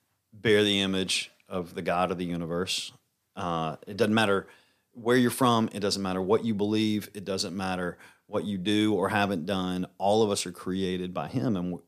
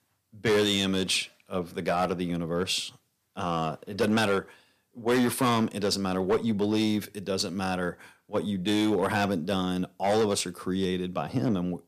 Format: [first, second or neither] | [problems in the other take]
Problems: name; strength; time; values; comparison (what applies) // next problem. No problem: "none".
first | distortion; slight; 5% of the sound clipped